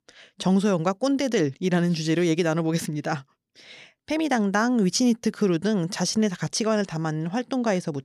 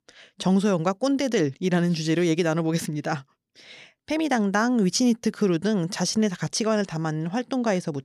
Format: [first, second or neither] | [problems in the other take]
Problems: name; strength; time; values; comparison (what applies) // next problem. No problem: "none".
neither | none